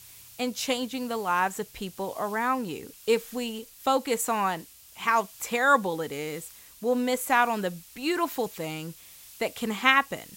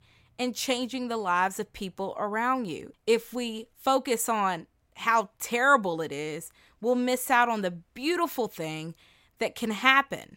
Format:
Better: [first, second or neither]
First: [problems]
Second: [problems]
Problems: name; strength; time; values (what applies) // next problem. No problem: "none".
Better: second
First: hiss; noticeable; throughout; 20 dB below the speech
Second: none